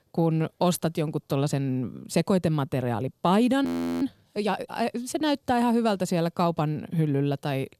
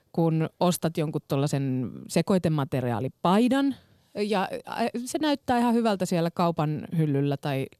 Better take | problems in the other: second | audio freezing; at 3.5 s

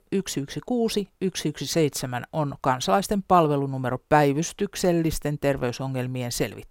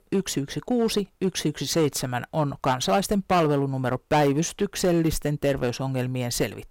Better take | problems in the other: first | distortion; slight; 5% of the sound clipped

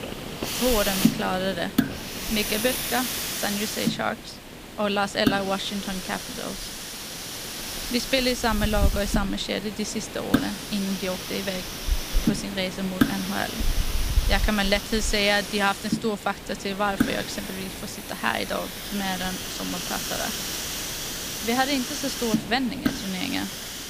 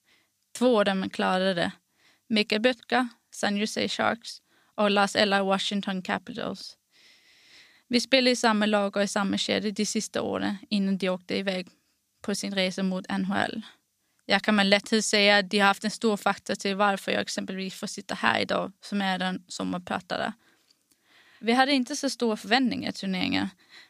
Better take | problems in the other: second | hiss; loud; throughout; 2 dB below the speech

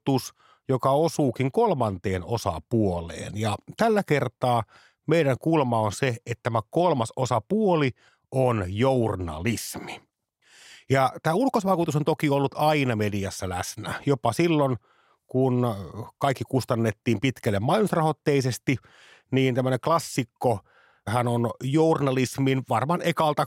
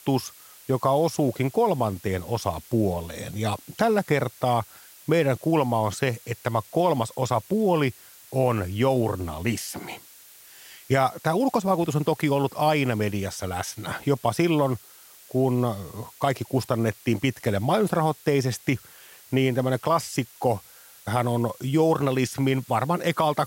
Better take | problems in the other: first | hiss; faint; throughout; 20 dB below the speech

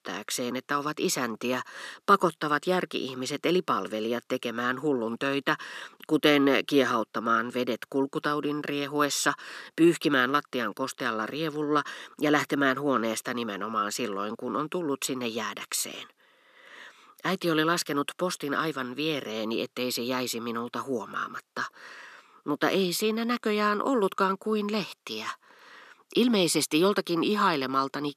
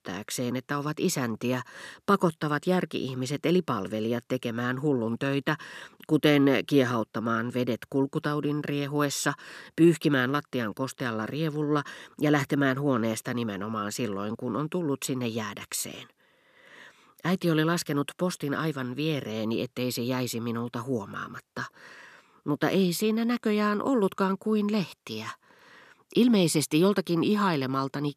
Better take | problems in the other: second | thin; very slightly; fading below 250 Hz

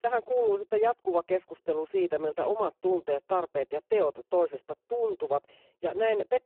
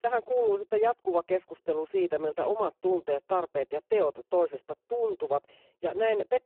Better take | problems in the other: neither | phone-call audio; poor line; the same in both

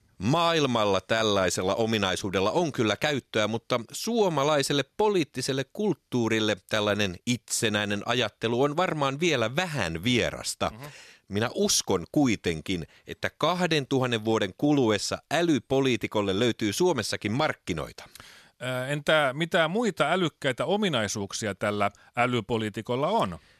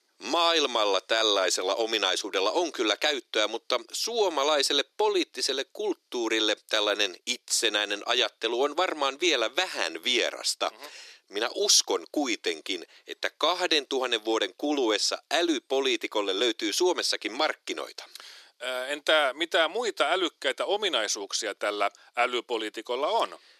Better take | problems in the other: first | thin; somewhat; fading below 300 Hz

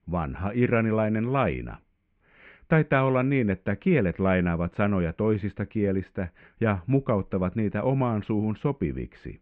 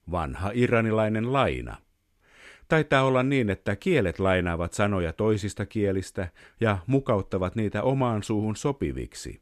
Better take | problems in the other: second | muffled; very; fading above 2.5 kHz

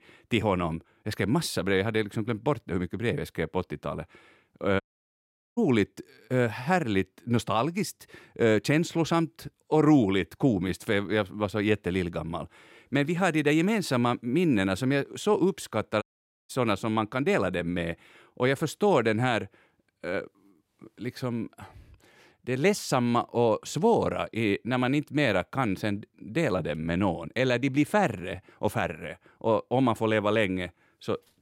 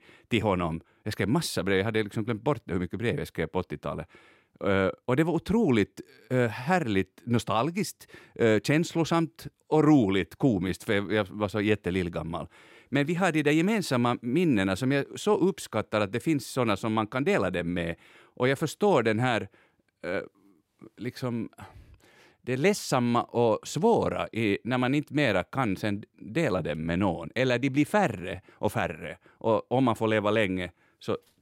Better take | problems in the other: second | audio cutting out; at 5 s for 1 s and at 16 s

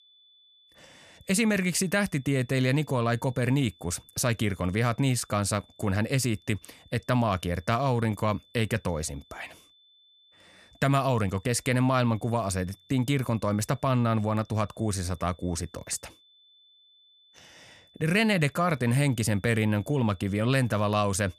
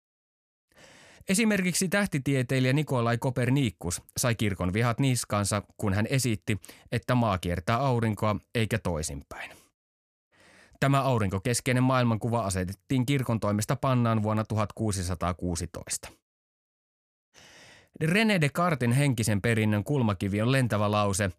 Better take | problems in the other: second | high-pitched whine; faint; throughout; 3.5 kHz, 30 dB below the speech

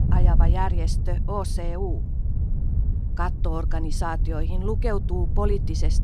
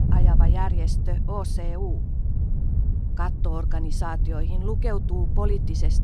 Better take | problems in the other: first | wind noise on the microphone; heavy; 7 dB below the speech; occasional gusts in the first

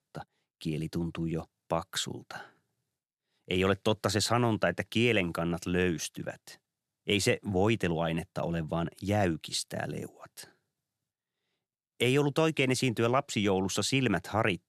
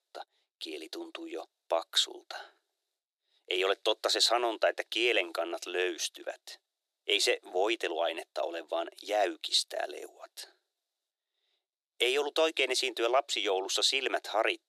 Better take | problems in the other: first | thin; very; fading below 350 Hz

